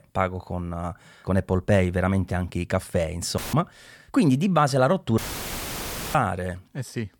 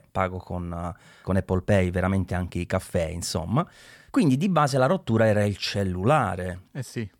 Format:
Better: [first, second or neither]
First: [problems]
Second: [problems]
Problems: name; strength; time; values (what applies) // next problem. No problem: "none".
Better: second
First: audio cutting out; filled with static; at 3.5 s and at 5 s for 1 s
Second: none